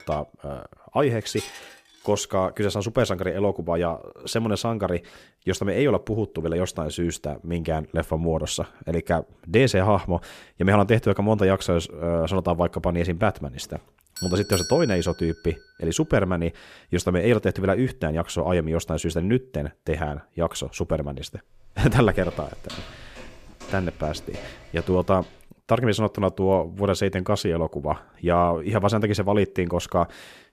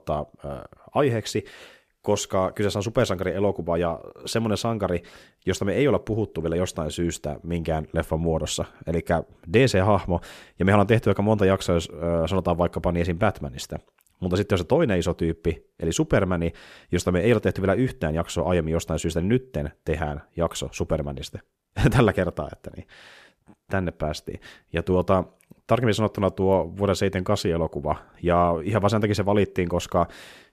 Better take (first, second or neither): second